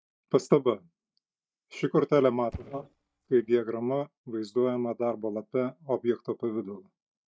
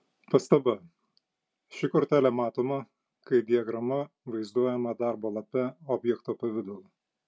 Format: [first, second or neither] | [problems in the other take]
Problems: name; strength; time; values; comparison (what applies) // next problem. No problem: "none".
second | noise reduction (neural mask model DeepFilterNet 3)